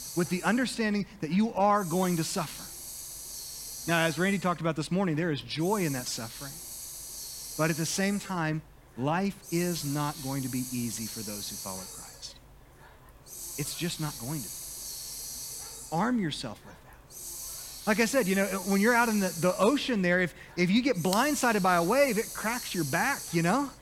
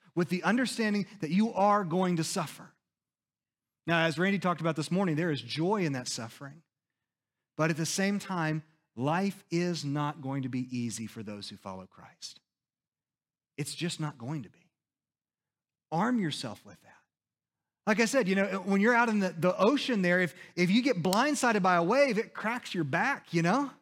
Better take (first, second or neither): second